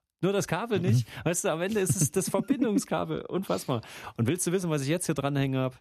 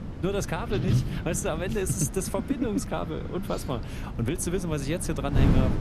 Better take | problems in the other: first | wind noise on the microphone; heavy; 8 dB below the speech

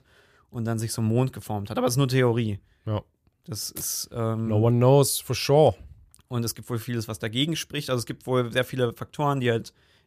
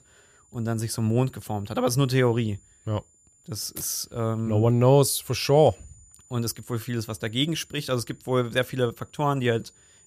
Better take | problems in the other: first | high-pitched whine; faint; throughout; 7 kHz, 30 dB below the speech

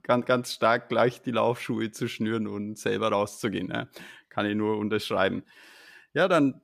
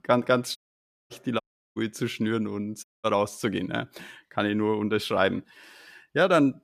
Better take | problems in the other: first | audio cutting out; at 0.5 s for 0.5 s, at 1.5 s and at 3 s

